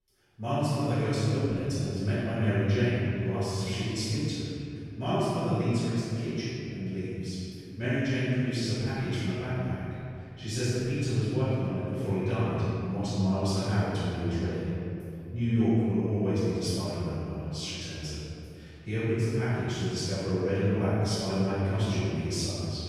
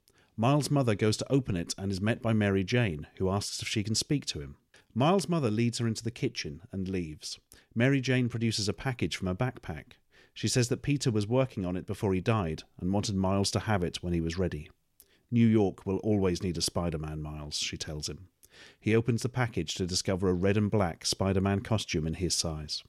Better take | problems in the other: second | room echo; strong; dies away in 2.7 s // off-mic speech; far

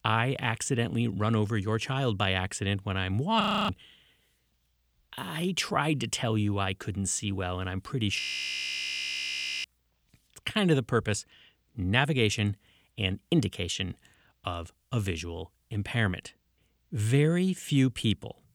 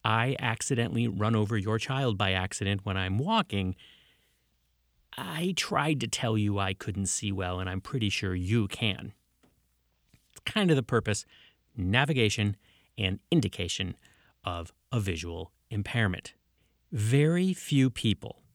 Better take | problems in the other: second | audio freezing; at 3.5 s and at 8 s for 1.5 s

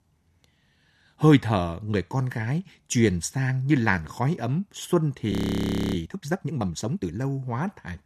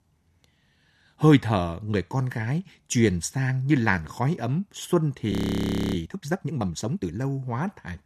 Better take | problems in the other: neither | audio freezing; at 5.5 s for 0.5 s; the same in both

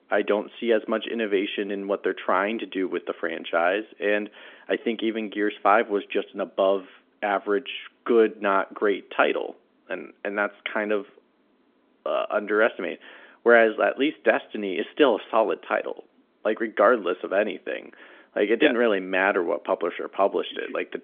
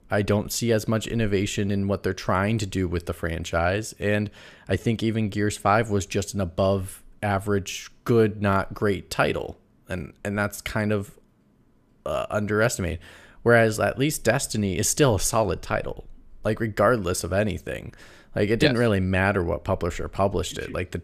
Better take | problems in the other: second | phone-call audio; nothing above 3.5 kHz

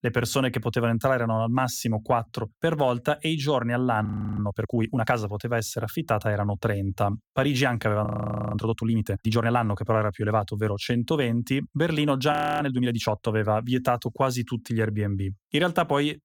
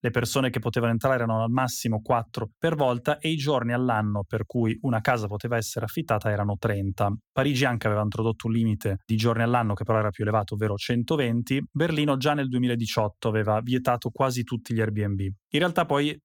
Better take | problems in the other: second | audio freezing; at 4 s, at 8 s and at 12 s

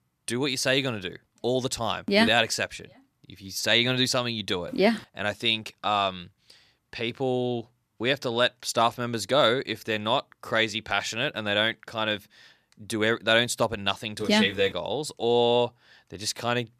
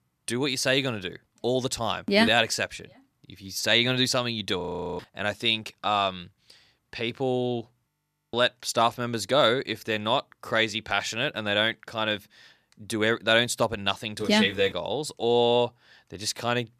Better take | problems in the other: first | audio freezing; at 4.5 s and at 8 s

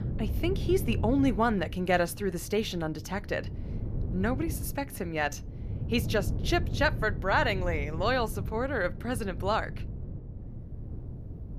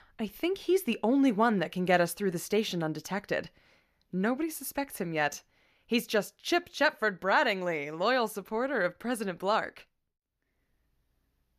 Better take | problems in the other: second | wind noise on the microphone; occasional gusts; 15 dB below the speech

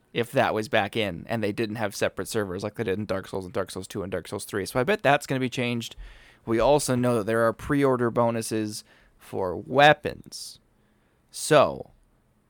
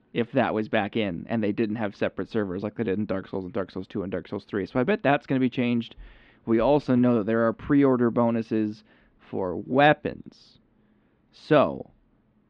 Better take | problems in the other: first | muffled; slightly; fading above 3.5 kHz

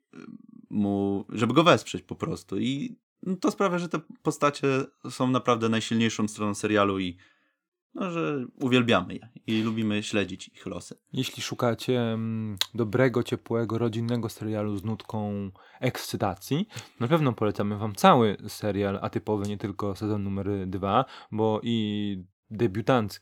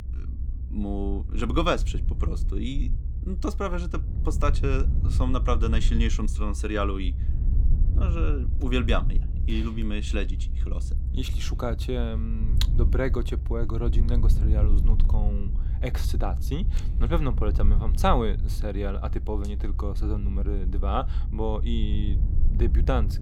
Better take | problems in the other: first | low rumble; noticeable; throughout; 15 dB below the speech

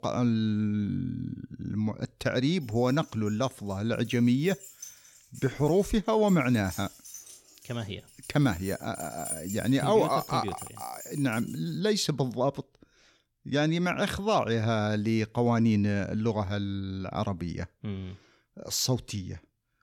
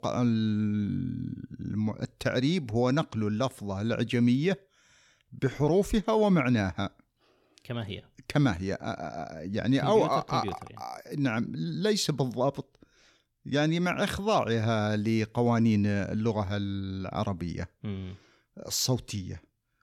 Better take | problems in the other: second | jangling keys; noticeable; from 3.5 to 11 s; peak 6 dB below the speech

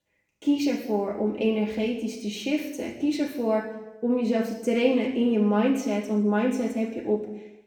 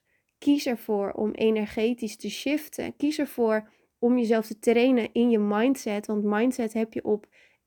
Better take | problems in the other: second | room echo; noticeable; dies away in 0.8 s // off-mic speech; far

